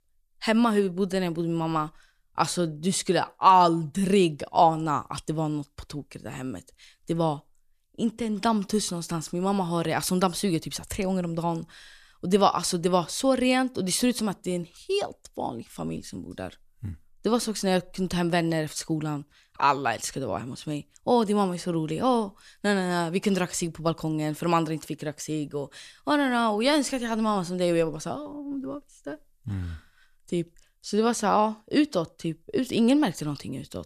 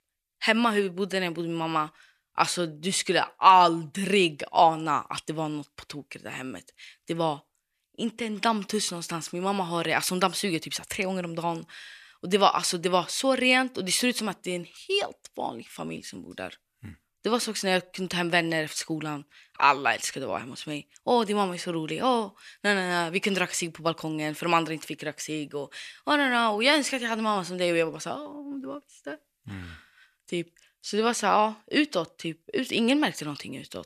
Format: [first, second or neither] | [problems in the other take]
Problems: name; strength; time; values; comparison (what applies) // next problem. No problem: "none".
first | thin; very slightly; fading below 550 Hz